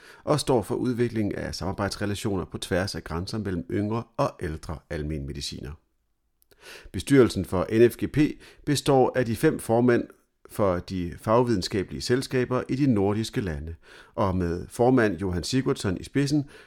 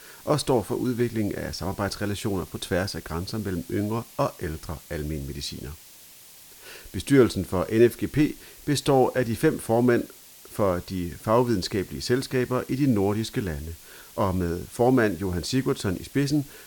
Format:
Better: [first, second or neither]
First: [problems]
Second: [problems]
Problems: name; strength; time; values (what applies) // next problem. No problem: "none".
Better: first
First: none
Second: hiss; noticeable; throughout; 20 dB below the speech